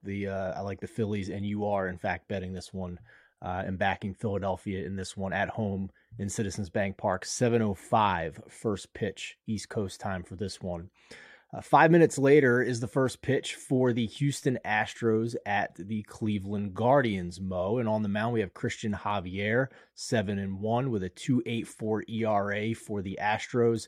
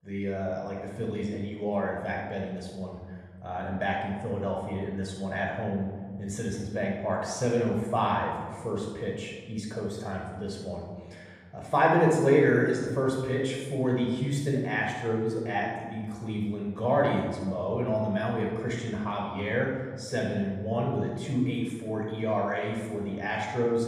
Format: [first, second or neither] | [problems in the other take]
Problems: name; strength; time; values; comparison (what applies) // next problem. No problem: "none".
first | off-mic speech; somewhat distant // room echo; noticeable; dies away in 1.2 s